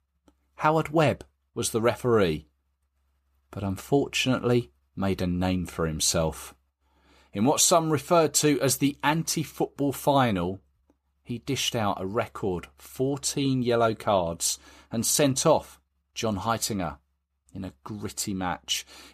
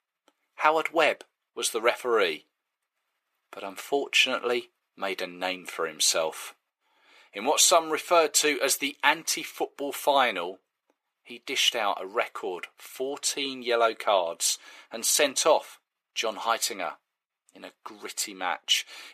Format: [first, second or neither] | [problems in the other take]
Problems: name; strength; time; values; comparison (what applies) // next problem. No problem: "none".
first | thin; very; fading below 400 Hz